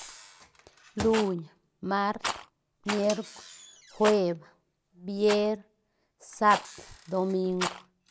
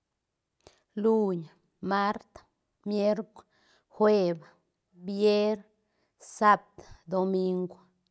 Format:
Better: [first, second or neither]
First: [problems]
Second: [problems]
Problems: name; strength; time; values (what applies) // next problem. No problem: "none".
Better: second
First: background sound (Rattle + Microwave oven); 10 dB below the speech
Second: none